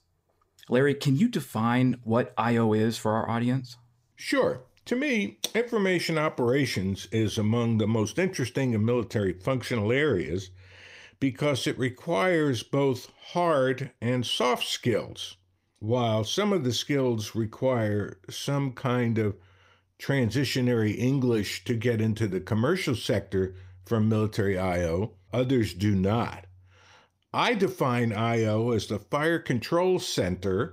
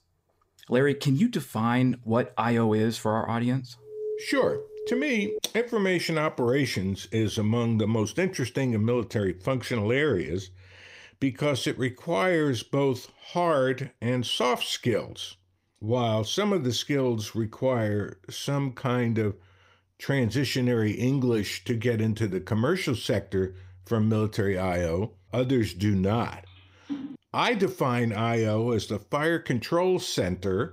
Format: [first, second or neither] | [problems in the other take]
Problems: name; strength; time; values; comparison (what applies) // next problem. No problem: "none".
first | alarm; noticeable; from 4 to 5.5 s; peak 8 dB below the speech // phone ringing; noticeable; at 27 s; peak 10 dB below the speech